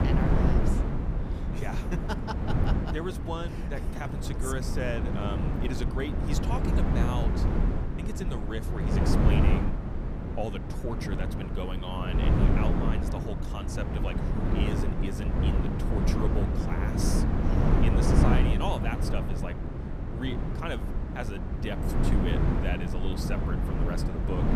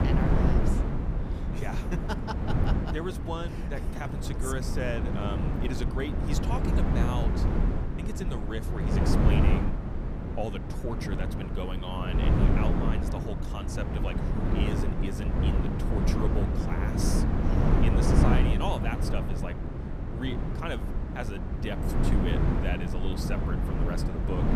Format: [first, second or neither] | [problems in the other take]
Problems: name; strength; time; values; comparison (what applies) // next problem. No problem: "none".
neither | wind noise on the microphone; heavy; 2 dB above the speech; the same in both